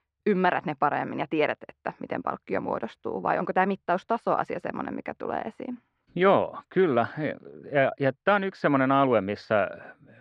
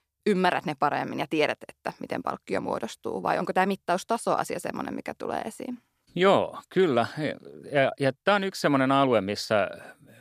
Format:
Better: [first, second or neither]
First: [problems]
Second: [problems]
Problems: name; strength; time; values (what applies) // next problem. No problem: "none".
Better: second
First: muffled; slightly; fading above 2 kHz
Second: none